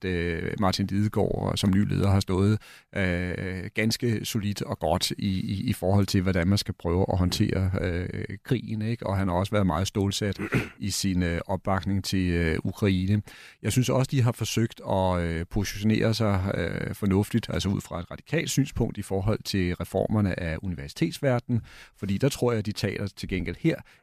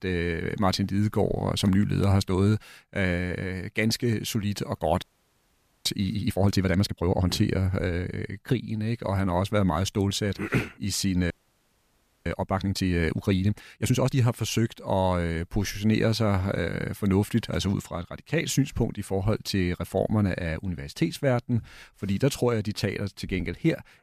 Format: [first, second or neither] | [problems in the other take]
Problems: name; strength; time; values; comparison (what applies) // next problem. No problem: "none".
first | audio freezing; at 5 s for 1 s and at 11 s for 1 s